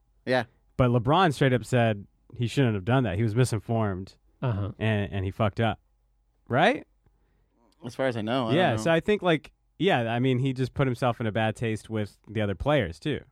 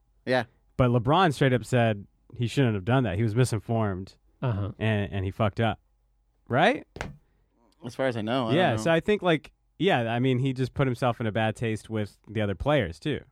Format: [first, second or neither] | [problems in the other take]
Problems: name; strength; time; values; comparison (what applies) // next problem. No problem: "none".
first | footsteps; faint; at 7 s; peak 15 dB below the speech